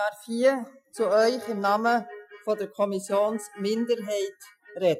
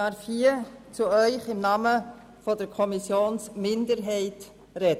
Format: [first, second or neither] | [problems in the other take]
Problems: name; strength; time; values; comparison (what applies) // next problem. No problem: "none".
second | noise reduction (classical method Wiener filter)